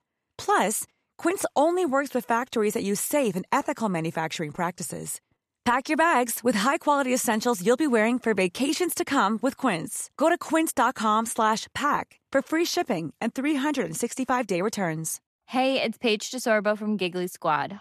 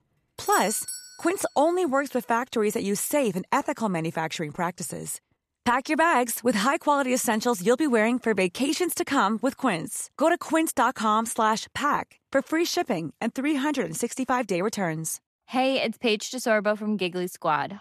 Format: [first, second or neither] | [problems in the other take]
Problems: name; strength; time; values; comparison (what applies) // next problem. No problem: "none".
first | doorbell; noticeable; at 0.5 s; peak 7 dB below the speech